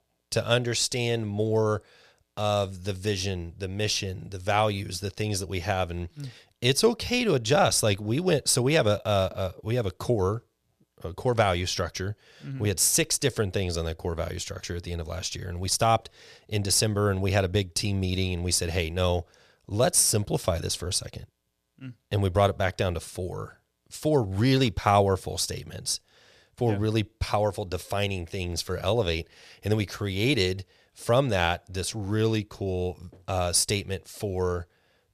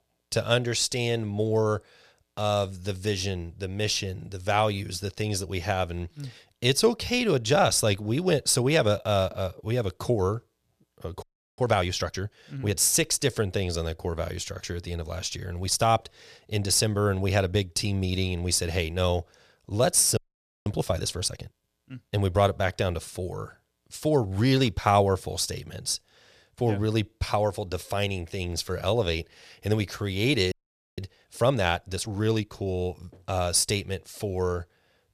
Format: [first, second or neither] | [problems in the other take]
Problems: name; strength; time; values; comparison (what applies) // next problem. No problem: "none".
first | audio freezing; at 11 s, at 20 s and at 31 s